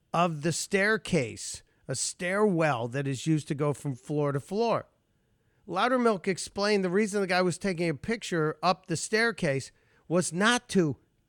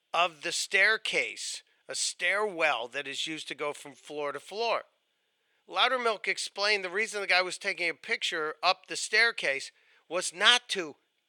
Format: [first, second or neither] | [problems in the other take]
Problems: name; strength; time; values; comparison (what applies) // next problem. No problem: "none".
first | thin; very; fading below 600 Hz